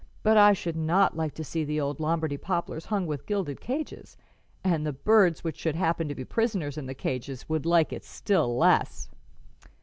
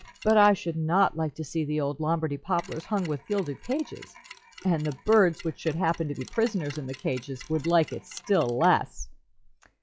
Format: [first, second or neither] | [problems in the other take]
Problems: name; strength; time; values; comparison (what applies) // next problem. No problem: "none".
first | noise reduction (classical method log-MMSE)